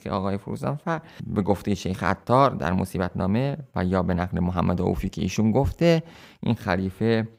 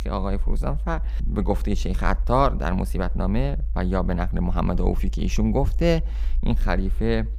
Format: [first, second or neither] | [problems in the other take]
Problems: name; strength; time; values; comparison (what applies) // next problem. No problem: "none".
first | low rumble; faint; throughout; 25 dB below the speech